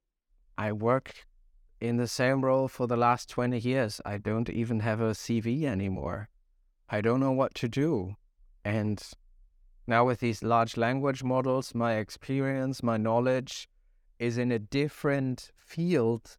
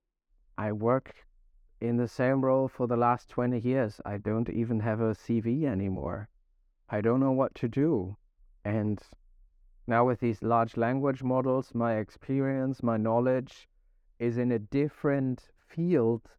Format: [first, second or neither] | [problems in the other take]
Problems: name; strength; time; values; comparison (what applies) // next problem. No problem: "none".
first | muffled; slightly; fading above 2.5 kHz